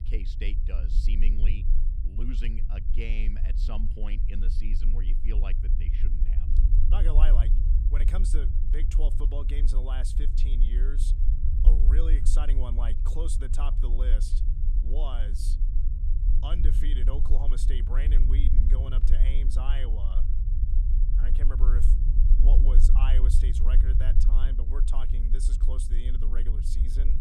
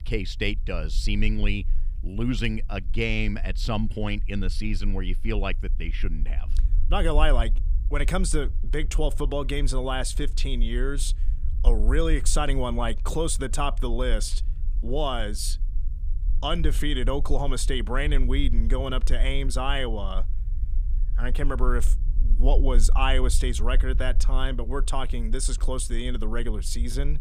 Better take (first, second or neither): second